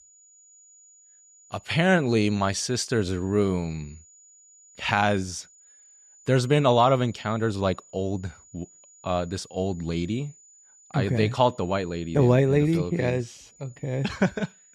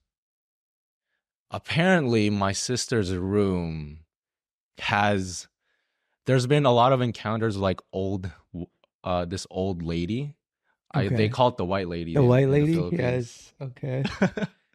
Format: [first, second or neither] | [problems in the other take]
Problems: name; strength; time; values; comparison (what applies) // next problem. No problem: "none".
second | high-pitched whine; faint; throughout; 7 kHz, 25 dB below the speech